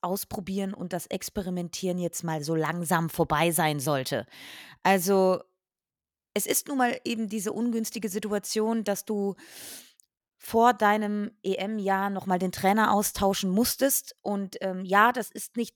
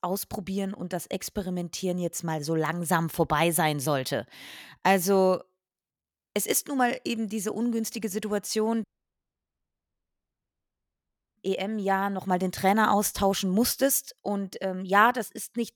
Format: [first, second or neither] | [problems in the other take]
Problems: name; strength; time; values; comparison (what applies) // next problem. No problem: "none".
first | audio cutting out; at 9 s for 2.5 s